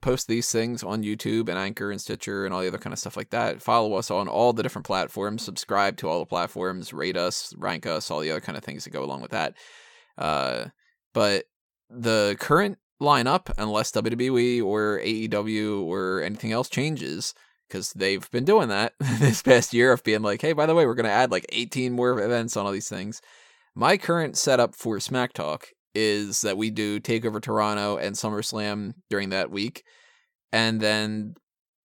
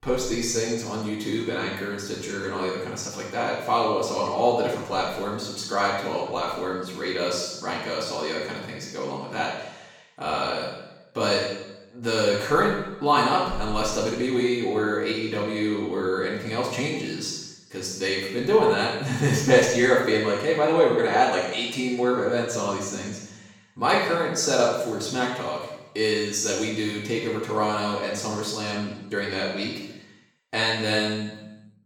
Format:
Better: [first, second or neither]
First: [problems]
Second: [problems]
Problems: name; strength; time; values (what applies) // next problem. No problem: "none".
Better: first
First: none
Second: room echo; strong; dies away in 0.8 s // off-mic speech; far